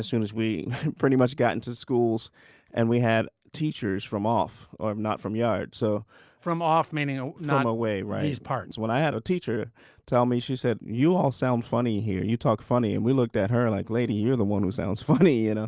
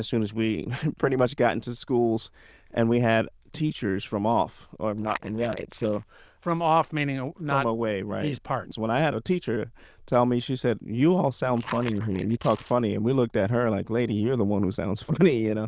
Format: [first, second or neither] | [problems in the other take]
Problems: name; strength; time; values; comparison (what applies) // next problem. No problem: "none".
first | noise reduction (neural diffusion model UNIVERSE++)